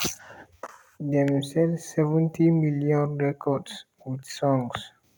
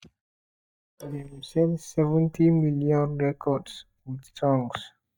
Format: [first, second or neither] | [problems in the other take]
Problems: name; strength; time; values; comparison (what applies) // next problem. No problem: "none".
first | noise reduction (neural mask model DeepFilterNet 3)